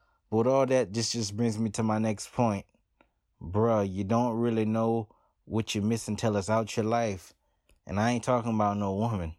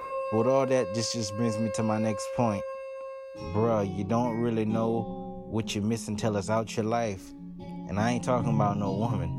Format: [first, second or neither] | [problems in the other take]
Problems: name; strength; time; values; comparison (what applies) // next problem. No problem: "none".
first | background music; loud; throughout; 7 dB below the speech